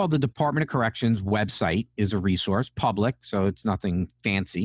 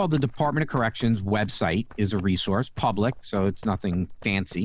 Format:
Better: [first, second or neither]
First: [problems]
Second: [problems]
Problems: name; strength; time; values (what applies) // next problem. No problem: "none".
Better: first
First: none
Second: background sound (Run); 16 dB below the speech